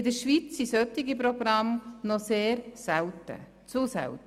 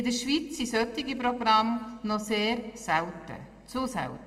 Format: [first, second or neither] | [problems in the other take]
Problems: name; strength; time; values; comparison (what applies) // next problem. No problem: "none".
first | room echo; dies away in 0.6 s